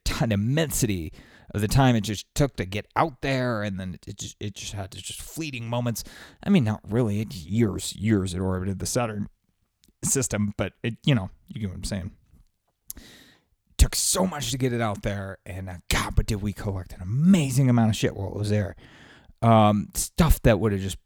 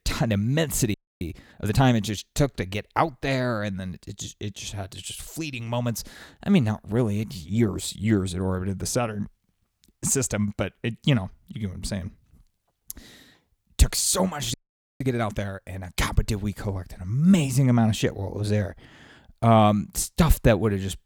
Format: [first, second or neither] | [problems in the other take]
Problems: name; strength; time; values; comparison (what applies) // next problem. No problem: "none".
first | audio freezing; at 1 s and at 15 s